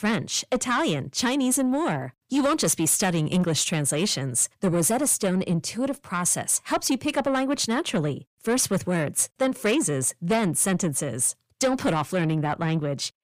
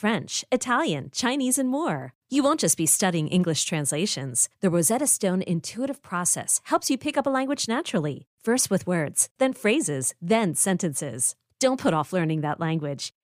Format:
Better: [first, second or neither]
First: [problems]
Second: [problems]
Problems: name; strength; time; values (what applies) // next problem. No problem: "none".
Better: second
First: distortion; slight; 10 dB below the speech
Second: none